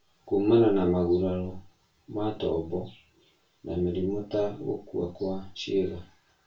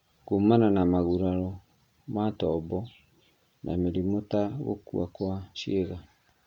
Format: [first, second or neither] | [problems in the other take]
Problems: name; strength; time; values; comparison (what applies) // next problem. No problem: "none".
second | room echo; dies away in 0.2 s